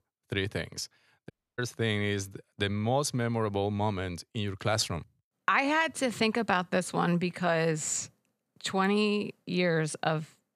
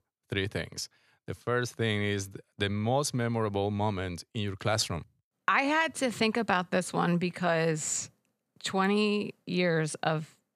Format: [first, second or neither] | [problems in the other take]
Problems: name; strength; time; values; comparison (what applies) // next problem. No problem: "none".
second | audio cutting out; at 1.5 s